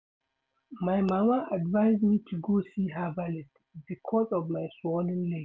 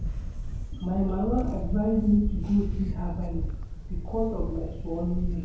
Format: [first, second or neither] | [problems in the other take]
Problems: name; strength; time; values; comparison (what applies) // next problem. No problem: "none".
first | background sound (Camera); 2 dB below the speech // room echo; dies away in 2 s